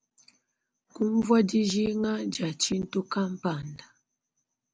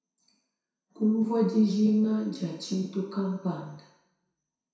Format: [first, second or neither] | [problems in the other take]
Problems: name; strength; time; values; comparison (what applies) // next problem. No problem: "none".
first | room echo; dies away in 0.7 s